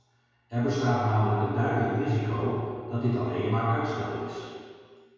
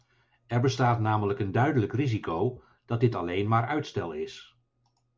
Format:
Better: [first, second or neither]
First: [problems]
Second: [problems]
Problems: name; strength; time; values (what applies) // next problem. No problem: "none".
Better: second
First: room echo; dies away in 1.9 s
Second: none